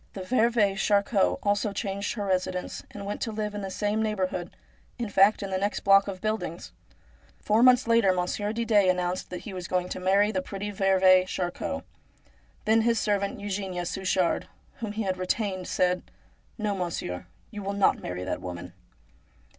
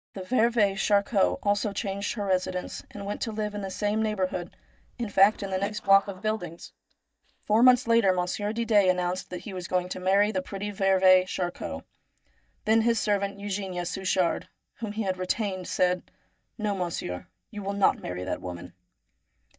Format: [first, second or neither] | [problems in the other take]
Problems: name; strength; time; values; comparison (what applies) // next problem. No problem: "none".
first | noise reduction (neural mask model DeepFilterNet 3)